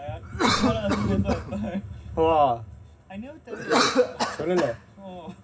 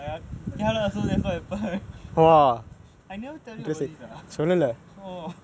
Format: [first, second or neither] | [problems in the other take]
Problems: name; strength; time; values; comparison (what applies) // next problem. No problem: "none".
second | background sound (Cough); 1 dB below the speech // room echo; dies away in 0.4 s